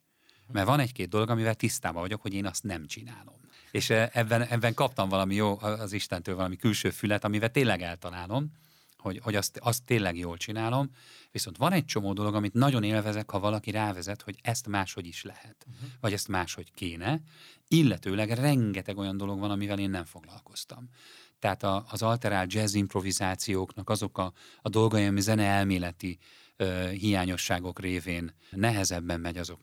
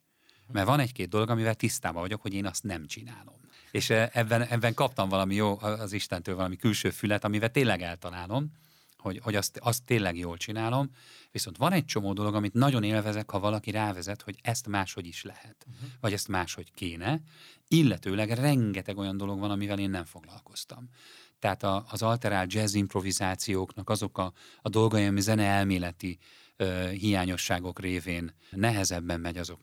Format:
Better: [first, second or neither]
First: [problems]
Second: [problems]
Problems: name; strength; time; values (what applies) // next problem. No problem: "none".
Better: neither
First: none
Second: none